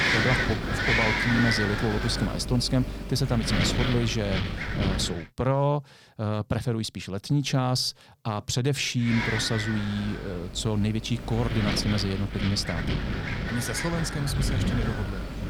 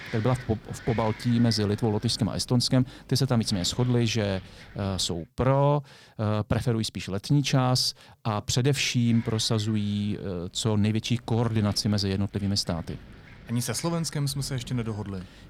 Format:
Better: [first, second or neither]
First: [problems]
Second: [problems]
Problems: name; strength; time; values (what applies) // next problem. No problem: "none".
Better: second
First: wind noise on the microphone; heavy; until 5 s and from 9 s on; 2 dB above the speech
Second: wind noise on the microphone; occasional gusts; until 5 s and from 9 s on; 15 dB below the speech